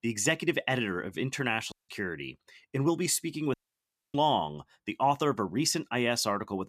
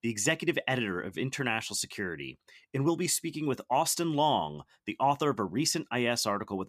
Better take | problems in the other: second | audio cutting out; at 1.5 s and at 3.5 s for 0.5 s

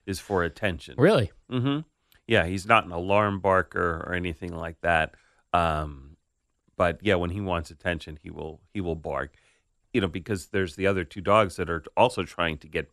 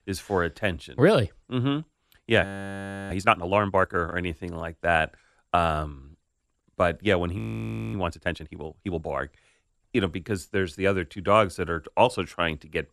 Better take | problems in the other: first | audio freezing; at 2.5 s for 0.5 s and at 7.5 s for 0.5 s

